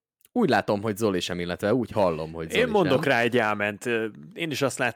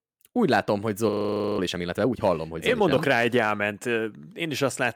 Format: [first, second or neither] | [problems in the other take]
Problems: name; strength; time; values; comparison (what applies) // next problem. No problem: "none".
first | audio freezing; at 1 s